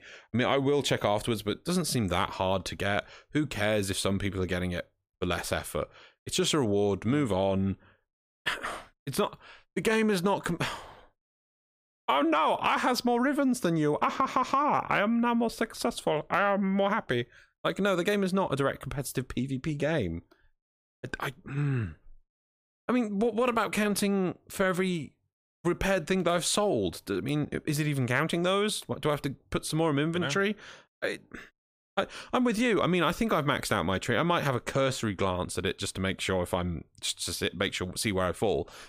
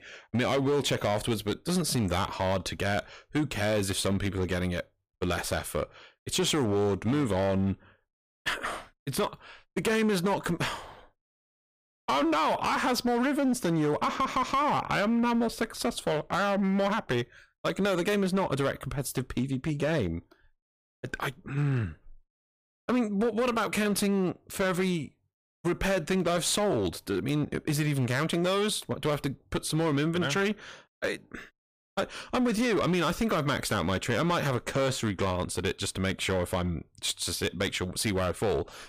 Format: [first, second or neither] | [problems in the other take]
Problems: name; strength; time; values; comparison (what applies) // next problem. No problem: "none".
first | distortion; slight; 10% of the sound clipped